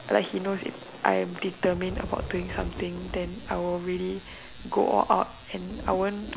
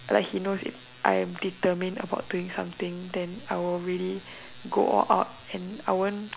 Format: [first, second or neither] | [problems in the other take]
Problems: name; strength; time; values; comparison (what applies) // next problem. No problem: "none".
second | background sound (Thunder / Rain); 12 dB below the speech